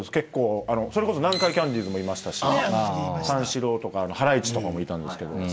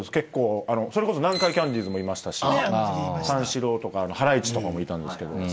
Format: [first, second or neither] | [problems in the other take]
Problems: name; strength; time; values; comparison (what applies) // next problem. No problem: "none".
second | background sound (Accelerating, revving, vroom / Car + Cutlery, silverware); 16 dB below the speech